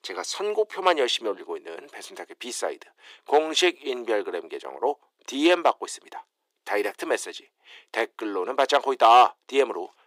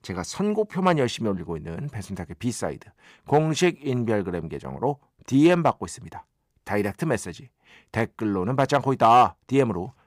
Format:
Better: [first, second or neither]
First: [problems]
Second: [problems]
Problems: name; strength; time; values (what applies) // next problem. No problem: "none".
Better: second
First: thin; very; fading below 350 Hz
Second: none